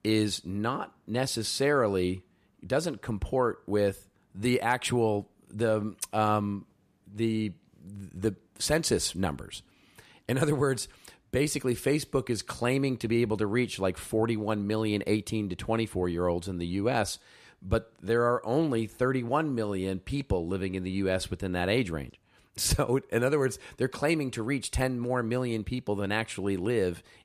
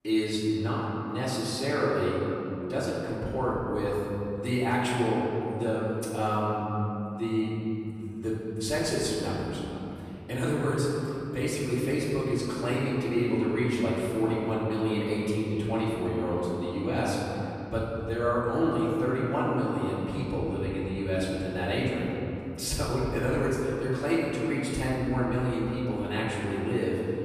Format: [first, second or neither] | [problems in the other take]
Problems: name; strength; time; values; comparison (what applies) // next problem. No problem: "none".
first | off-mic speech; far // room echo; strong; dies away in 2.9 s